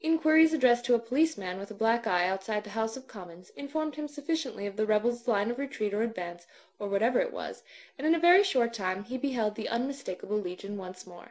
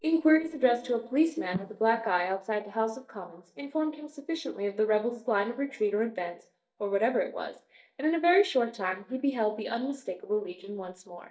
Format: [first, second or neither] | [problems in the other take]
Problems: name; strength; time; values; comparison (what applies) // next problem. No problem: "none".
first | noise reduction (neural mask model DeepFilterNet 3)